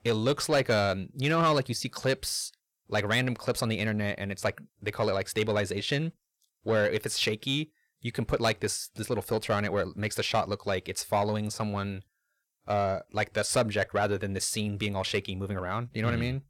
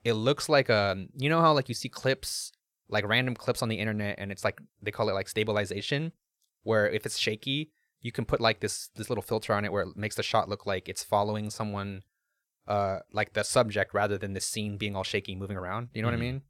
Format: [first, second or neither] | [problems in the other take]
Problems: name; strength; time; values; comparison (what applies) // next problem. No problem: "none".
second | distortion; slight; 10 dB below the speech